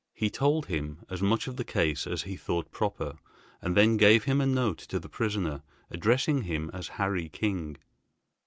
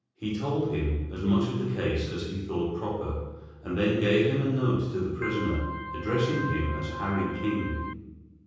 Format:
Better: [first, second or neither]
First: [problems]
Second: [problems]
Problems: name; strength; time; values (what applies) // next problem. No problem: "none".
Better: first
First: none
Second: background sound (Organ); 9 dB below the speech // room echo; dies away in 1.3 s